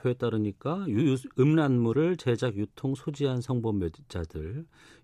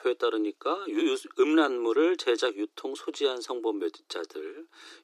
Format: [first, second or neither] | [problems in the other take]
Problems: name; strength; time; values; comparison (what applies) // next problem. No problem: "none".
first | thin; very; fading below 300 Hz